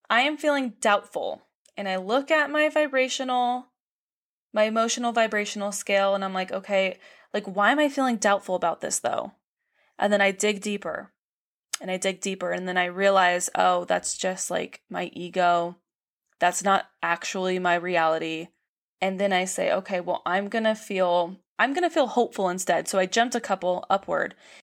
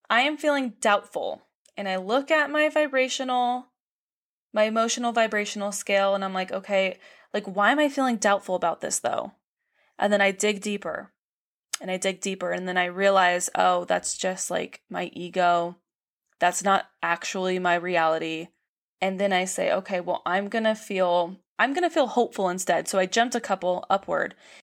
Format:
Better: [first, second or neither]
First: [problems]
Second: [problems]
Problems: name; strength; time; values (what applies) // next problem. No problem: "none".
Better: neither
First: none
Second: none